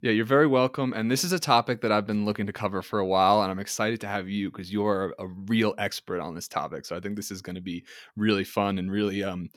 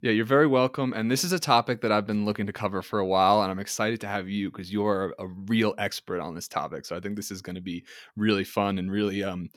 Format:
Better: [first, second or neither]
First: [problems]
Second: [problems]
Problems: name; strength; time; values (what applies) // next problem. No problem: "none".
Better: neither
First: none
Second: none